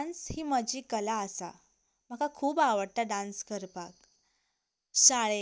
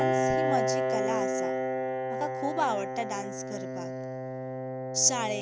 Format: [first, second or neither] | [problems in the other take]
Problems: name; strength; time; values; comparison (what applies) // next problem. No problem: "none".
first | background sound (Piano); 3 dB above the speech